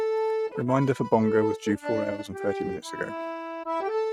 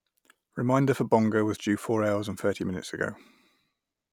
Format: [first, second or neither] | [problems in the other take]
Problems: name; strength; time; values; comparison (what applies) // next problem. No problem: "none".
second | noise reduction (neural mask model RNNoise)